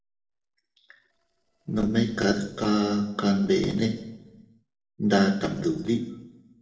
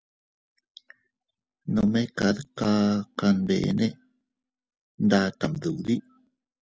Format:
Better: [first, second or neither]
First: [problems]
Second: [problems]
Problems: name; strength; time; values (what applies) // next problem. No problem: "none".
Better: second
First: noise reduction (neural separator model SepFormer DNS4)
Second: none